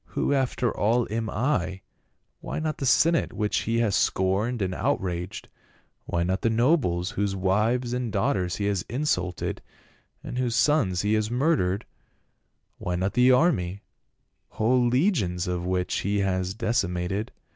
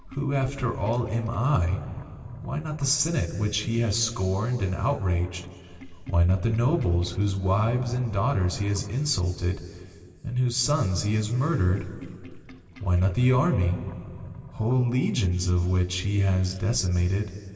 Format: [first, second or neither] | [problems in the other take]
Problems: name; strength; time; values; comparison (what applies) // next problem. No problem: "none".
first | background sound (Sink (filling or washing)); 19 dB below the speech // room echo; dies away in 2.6 s